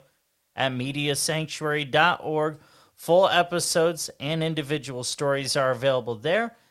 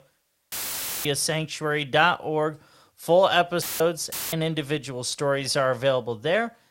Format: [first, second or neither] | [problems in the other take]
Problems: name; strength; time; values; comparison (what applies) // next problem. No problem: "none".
first | audio cutting out; filled with static; at 0.5 s for 0.5 s, at 3.5 s and at 4 s